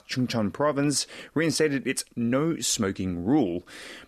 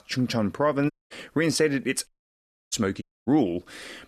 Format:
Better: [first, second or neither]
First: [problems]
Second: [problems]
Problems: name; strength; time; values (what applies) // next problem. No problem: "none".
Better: first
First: none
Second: audio cutting out; at 1 s, at 2 s for 0.5 s and at 3 s